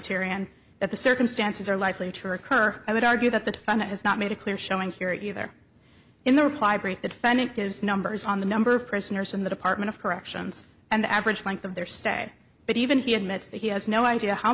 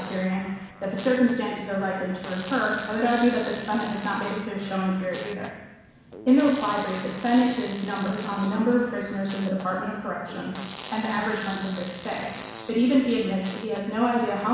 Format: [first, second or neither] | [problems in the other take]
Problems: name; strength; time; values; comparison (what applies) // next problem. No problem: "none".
first | background sound (Fart); 17 dB below the speech // room echo; dies away in 1.1 s